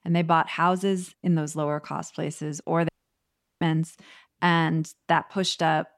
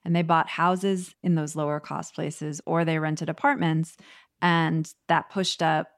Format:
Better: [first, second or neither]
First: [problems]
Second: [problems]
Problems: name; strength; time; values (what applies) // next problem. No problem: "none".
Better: second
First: audio cutting out; at 3 s for 0.5 s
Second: none